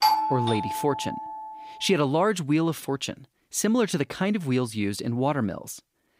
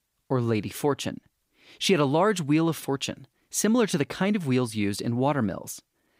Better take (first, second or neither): second